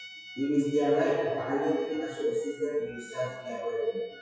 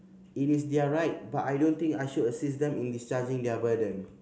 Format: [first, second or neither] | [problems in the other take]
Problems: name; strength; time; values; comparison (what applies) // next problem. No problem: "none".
second | noise reduction (classical method WPE with log-MMSE)